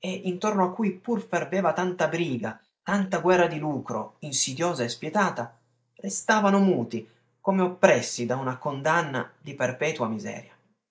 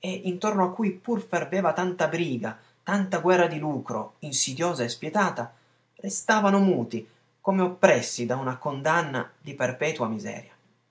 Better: second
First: noise reduction (neural mask model Resemble Enhance denoiser)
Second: none

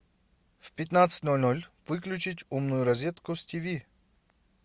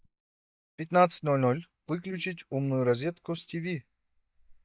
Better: first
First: none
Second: noise reduction (neural mask model DeepFilterNet 3)

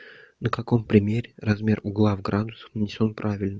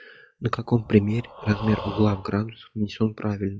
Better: first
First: none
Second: noise reduction (classical method log-MMSE)

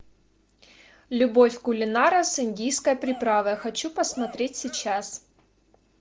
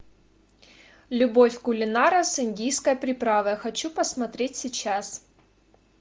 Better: second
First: noise reduction (neural separator model SepFormer DNS4)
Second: none

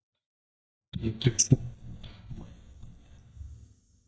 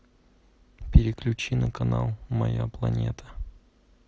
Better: second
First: noise reduction (neural mask model DeepFilterNet 3)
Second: none

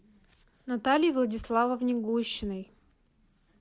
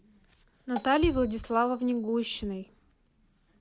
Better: first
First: none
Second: background sound (Bass drum + Marimba, xylophone); 12 dB below the speech

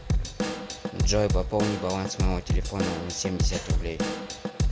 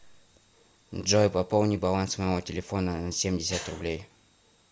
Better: second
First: background sound (Drum / Drum kit); 3 dB above the speech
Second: none

